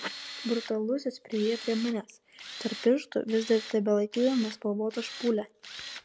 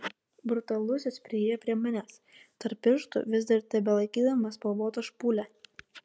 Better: second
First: background sound (Tools); 14 dB below the speech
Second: none

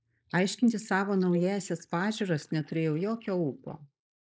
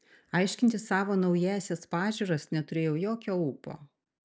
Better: second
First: noise reduction (neural mask model Resemble Enhance denoiser)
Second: none

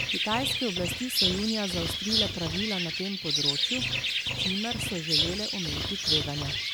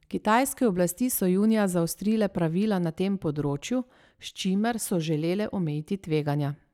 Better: second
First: background sound (Bird); 4 dB above the speech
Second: none

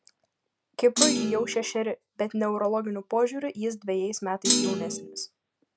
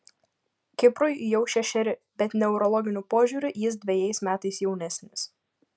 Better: second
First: background sound (Thump, thud); 2 dB above the speech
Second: none

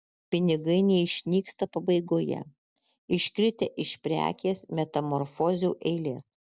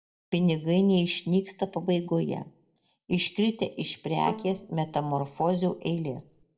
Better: first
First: none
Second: background sound (Bowed string instrument); 16 dB below the speech // room echo; dies away in 0.3 s

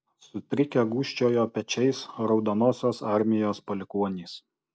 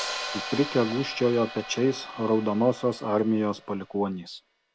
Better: first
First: none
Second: background sound (Hi-hat); 12 dB below the speech

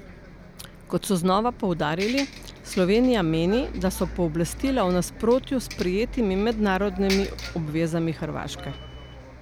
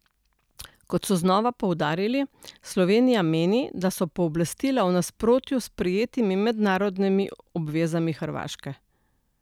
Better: second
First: background sound (Bus); 12 dB below the speech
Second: none

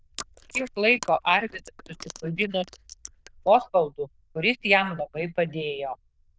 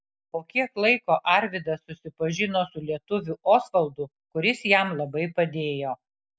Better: second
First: noise reduction (neural diffusion model UNIVERSE++)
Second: none

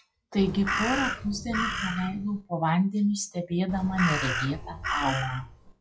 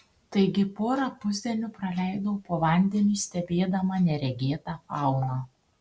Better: second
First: noise reduction (classical method log-MMSE)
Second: none

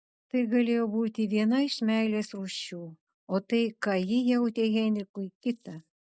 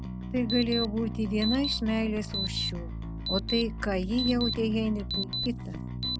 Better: first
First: none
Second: background sound (Alarm + Bass guitar); 3 dB below the speech

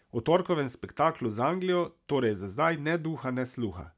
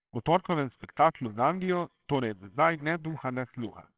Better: first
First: none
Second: noise reduction (neural separator model SepFormer WHAMR!)

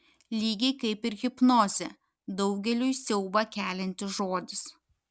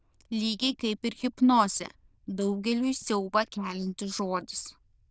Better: first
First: none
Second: noise reduction (neural diffusion model UNIVERSE++)

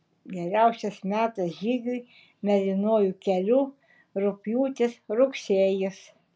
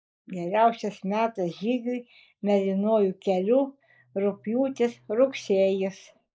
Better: first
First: none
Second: noise reduction (neural mask model Resemble Enhance denoiser)

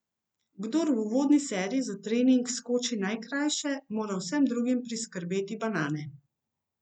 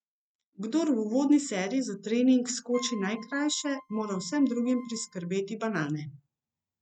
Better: first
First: none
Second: noise reduction (neural mask model RNNoise)

